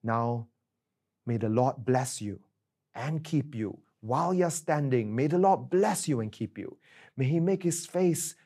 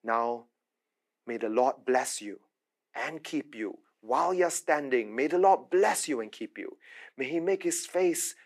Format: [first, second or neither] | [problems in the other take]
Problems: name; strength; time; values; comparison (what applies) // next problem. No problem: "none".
first | thin; somewhat; fading below 300 Hz